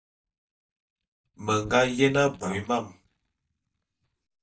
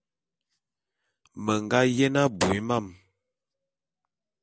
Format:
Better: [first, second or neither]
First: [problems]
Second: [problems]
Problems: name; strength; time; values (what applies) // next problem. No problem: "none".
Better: second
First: noise reduction (neural mask model DeepFilterNet 3)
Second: none